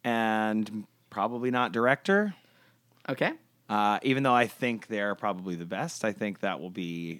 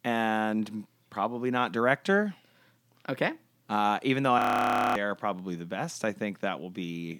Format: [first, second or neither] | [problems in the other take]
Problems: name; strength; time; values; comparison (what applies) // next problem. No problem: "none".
first | audio freezing; at 4.5 s for 0.5 s